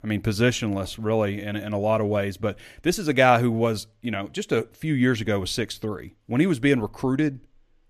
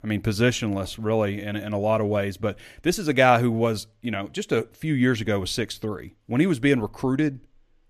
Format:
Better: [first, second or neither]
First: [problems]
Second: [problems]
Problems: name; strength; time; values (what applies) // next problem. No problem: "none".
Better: neither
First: none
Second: none